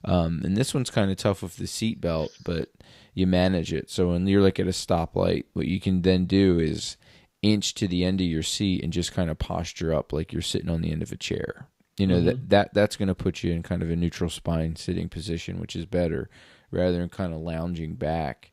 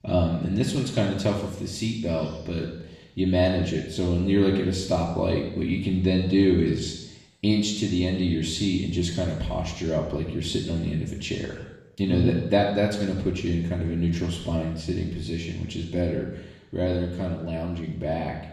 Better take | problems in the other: first | room echo; noticeable; dies away in 0.9 s // off-mic speech; far

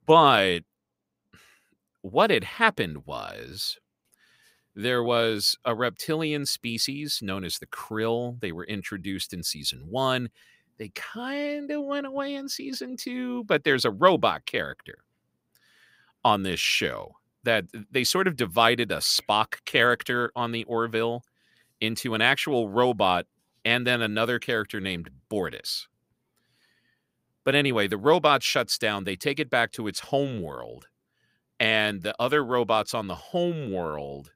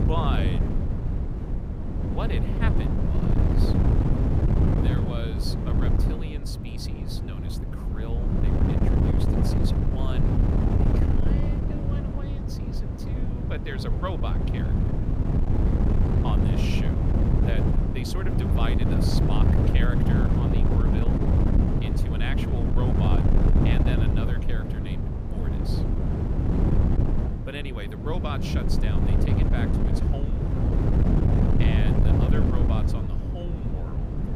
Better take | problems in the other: first | wind noise on the microphone; heavy; 3 dB above the speech

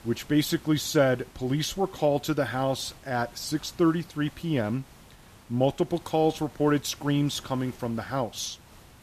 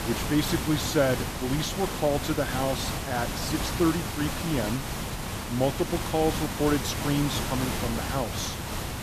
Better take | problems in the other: first | hiss; loud; throughout; 3 dB below the speech; faint in the first

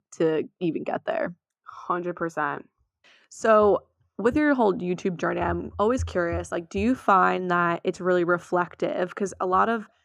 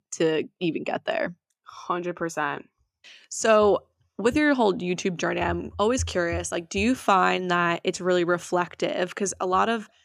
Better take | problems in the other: second | muffled; slightly; fading above 2 kHz

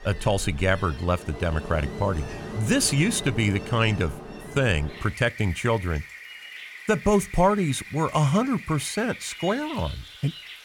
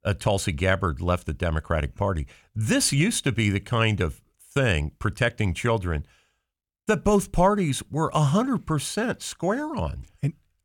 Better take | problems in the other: second | rain or running water; noticeable; throughout; 15 dB below the speech

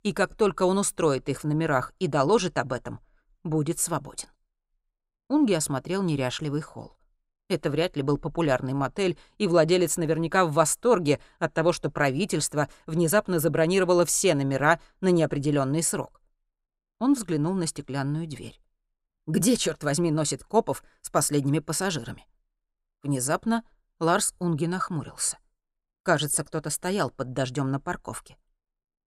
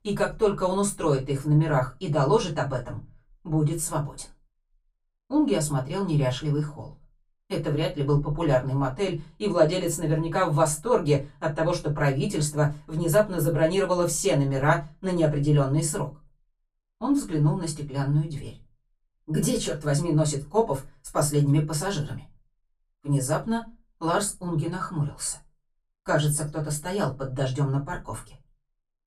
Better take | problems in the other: first | off-mic speech; far // room echo; very slight; dies away in 0.2 s

